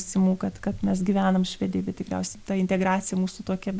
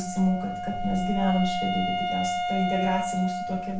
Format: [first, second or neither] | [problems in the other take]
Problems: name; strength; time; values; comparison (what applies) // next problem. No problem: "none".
first | background sound (Wind instrument, woodwind instrument); 2 dB below the speech // room echo; dies away in 0.4 s